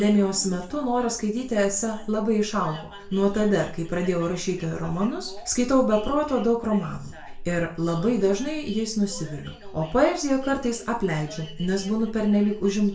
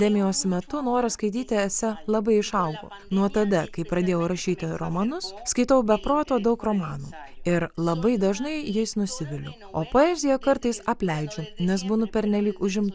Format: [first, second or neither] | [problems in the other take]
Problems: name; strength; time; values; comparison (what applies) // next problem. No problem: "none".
second | room echo; dies away in 0.3 s